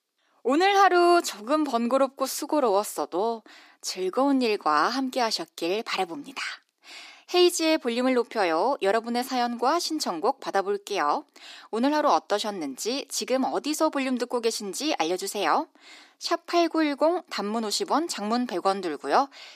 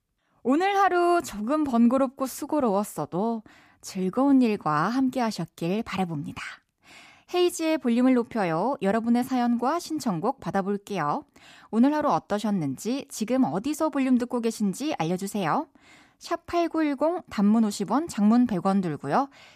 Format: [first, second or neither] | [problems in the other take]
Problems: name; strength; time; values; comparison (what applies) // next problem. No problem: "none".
second | thin; somewhat; fading below 350 Hz